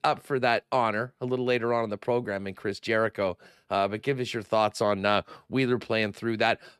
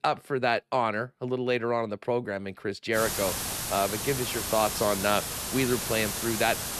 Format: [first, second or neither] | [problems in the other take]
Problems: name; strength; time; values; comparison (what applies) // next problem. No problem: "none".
first | hiss; loud; from 3 s on; 2 dB below the speech